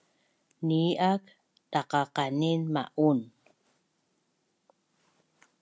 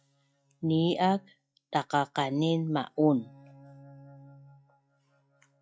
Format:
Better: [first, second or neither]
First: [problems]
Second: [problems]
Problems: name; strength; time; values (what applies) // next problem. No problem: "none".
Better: first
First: none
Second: noise reduction (classical method log-MMSE)